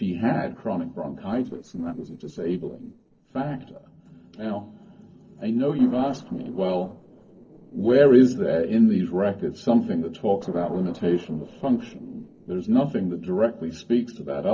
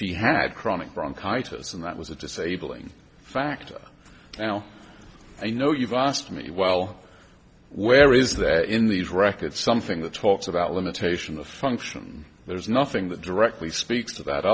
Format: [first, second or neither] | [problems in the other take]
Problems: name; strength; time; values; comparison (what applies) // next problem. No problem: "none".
second | noise reduction (neural separator model SepFormer DNS4)